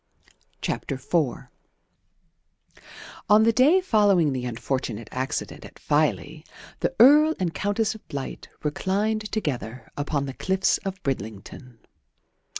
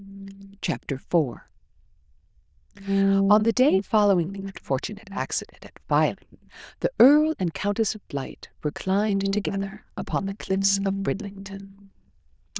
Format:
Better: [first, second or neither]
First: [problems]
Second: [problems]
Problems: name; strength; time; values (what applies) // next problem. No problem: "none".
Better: first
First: none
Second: noise reduction (neural diffusion model UNIVERSE++)